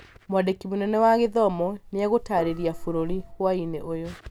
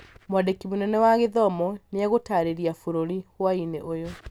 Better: second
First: background sound (Wind + Gong); 13 dB below the speech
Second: none

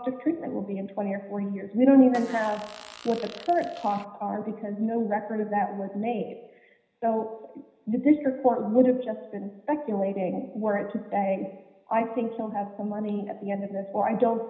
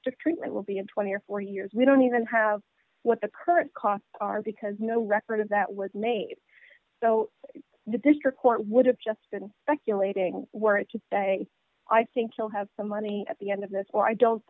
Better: second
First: background sound (Fart); 18 dB below the speech // room echo; dies away in 0.9 s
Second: none

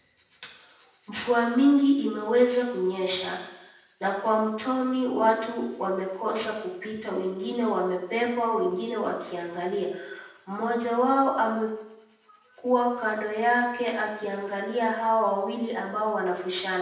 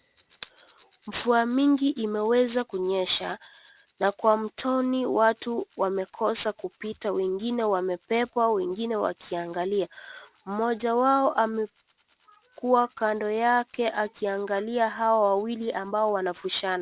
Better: second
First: room echo; dies away in 0.8 s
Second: none

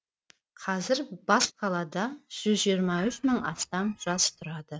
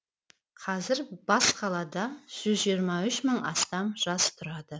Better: second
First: noise reduction (neural mask model RNNoise)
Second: none

